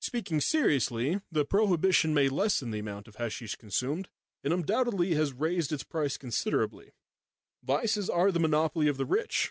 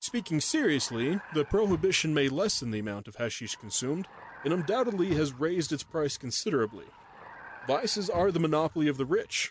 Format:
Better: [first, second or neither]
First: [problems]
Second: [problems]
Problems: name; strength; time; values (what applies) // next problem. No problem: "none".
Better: first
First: none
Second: background sound (Vehicle); 19 dB below the speech